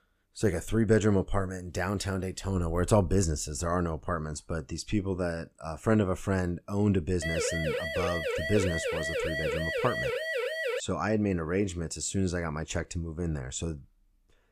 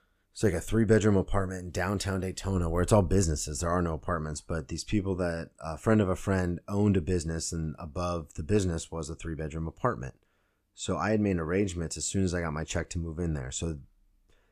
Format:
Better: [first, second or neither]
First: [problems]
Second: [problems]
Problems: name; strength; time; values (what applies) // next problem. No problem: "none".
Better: second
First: siren; noticeable; from 7 to 11 s; peak level with the speech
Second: none